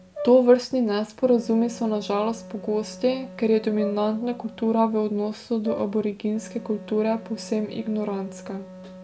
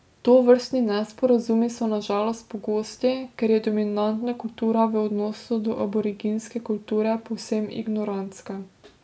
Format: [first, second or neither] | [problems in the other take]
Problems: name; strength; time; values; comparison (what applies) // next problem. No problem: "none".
second | background sound (Brass instrument + Wind instrument, woodwind instrument); 16 dB below the speech